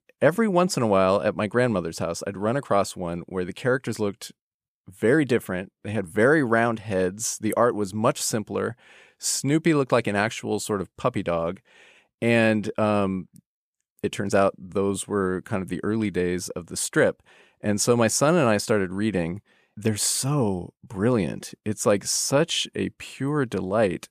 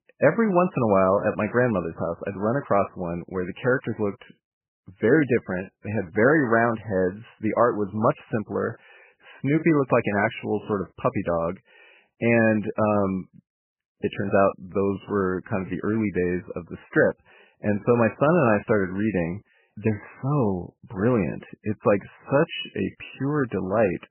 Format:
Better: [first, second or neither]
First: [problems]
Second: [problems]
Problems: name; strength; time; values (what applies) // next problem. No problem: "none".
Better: first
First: none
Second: garbled, watery; badly; nothing above 2.5 kHz